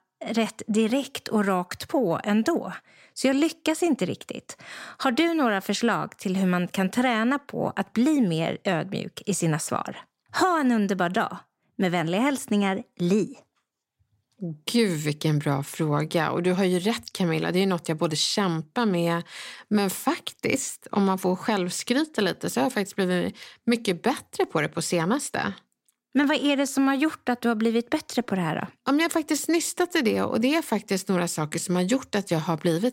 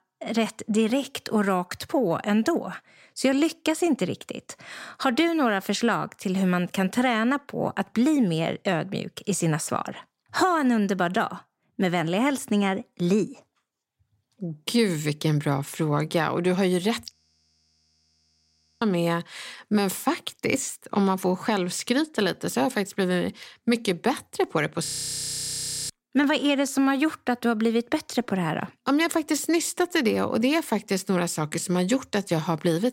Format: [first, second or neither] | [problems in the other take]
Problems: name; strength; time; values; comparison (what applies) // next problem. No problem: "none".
first | audio freezing; at 17 s for 1.5 s and at 25 s for 1 s